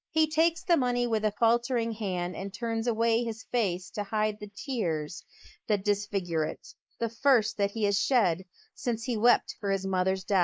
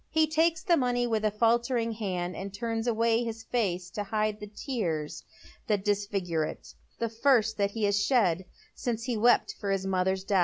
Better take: second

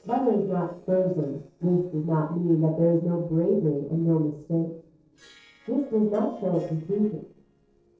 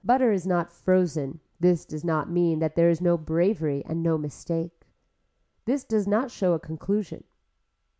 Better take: second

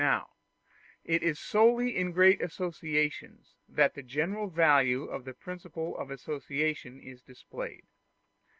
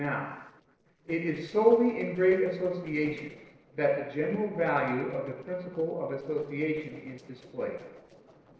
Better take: first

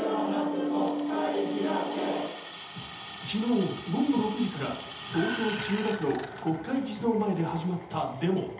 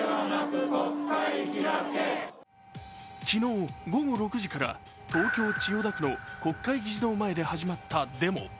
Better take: second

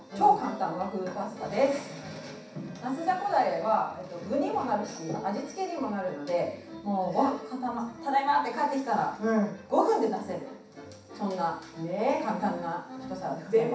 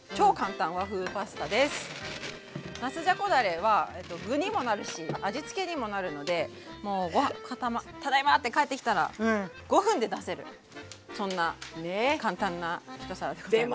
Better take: second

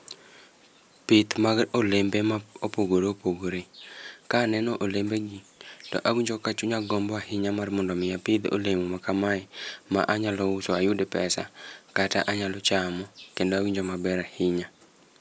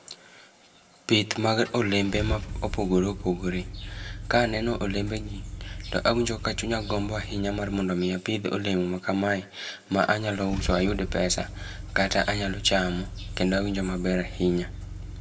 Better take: first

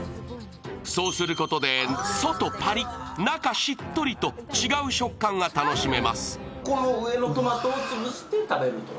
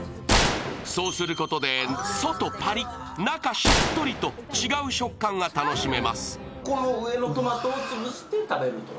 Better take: first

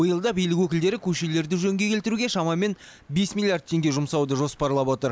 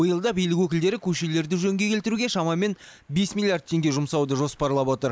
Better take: first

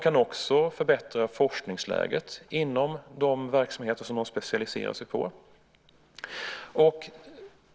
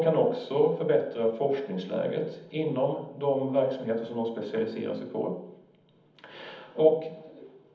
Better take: first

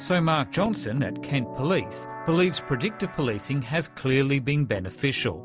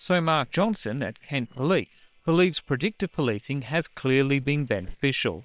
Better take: first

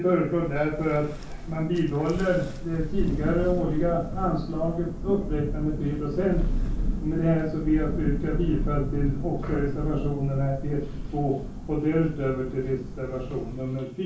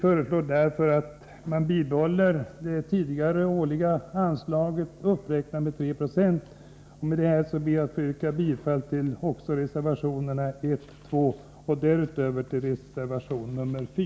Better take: second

